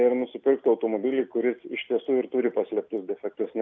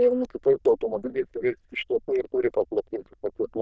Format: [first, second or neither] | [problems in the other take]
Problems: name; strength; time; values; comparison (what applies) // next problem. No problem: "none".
first | noise reduction (neural diffusion model UNIVERSE++)